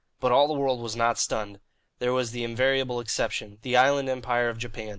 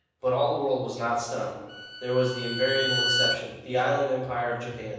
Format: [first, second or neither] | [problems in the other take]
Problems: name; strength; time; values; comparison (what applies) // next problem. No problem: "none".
first | background sound (Bowed string instrument); 3 dB below the speech // room echo; dies away in 1.1 s